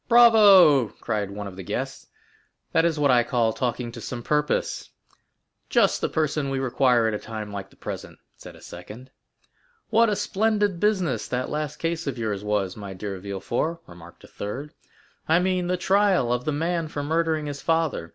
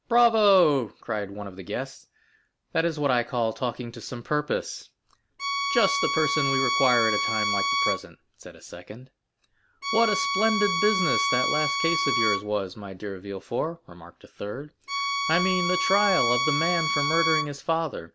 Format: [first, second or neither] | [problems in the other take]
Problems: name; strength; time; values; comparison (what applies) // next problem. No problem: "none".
first | background sound (Bowed string instrument); 1 dB above the speech